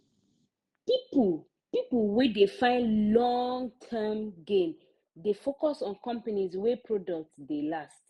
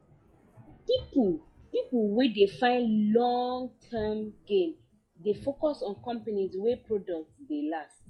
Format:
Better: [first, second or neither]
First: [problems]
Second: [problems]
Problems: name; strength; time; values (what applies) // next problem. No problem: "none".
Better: first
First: none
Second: noise reduction (classical method log-MMSE)